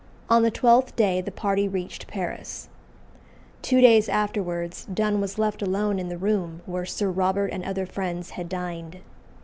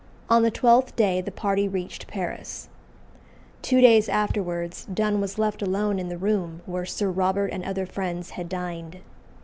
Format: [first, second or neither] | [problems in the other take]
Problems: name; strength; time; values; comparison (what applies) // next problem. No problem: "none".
first | background sound (Bass drum); 16 dB below the speech